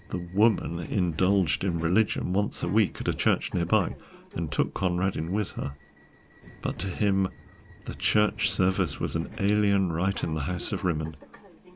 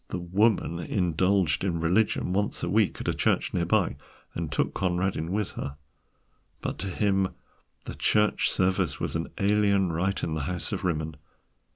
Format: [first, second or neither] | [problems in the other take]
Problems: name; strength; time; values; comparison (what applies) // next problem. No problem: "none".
second | background sound (Subway, metro, underground); 19 dB below the speech